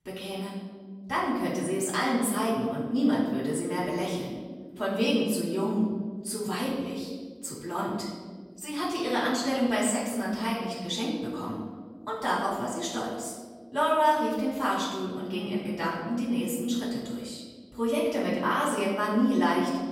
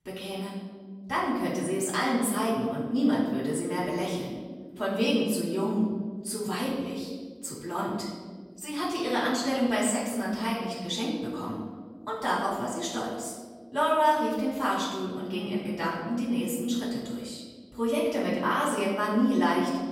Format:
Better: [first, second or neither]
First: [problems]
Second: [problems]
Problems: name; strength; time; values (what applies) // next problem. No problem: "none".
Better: neither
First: off-mic speech; far // room echo; noticeable; dies away in 1.5 s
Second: off-mic speech; far // room echo; noticeable; dies away in 1.5 s